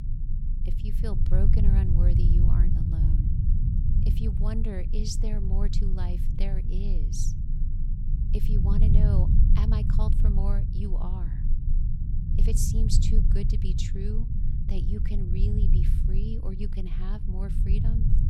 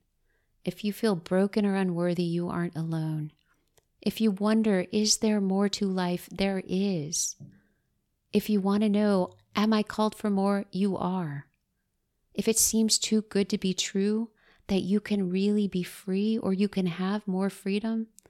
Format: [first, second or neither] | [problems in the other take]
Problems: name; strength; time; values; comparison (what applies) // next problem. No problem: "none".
second | low rumble; loud; throughout; 1 dB below the speech